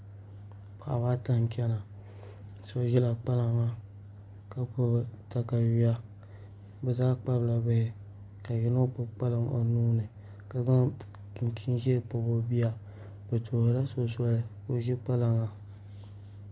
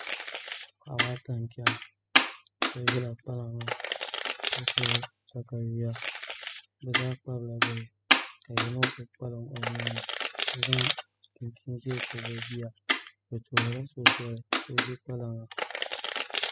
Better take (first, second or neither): first